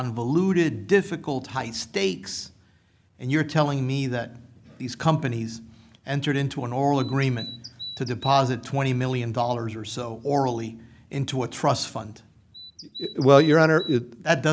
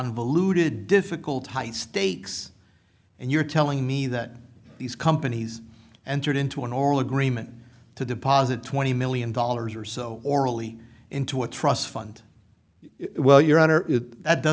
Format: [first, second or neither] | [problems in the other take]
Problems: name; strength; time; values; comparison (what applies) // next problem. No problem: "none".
second | background sound (Bird vocalization, bird call, bird song); 15 dB below the speech